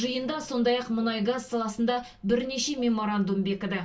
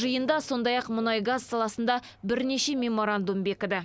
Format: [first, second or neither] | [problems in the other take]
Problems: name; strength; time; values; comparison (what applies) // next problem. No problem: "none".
second | room echo; dies away in 0.2 s